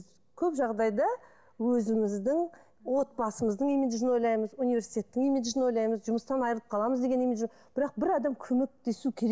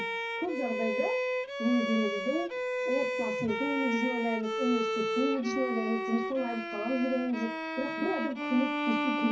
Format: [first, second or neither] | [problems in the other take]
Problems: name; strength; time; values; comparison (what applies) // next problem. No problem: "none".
first | background sound (Bowed string instrument); 1 dB below the speech // room echo; dies away in 0.4 s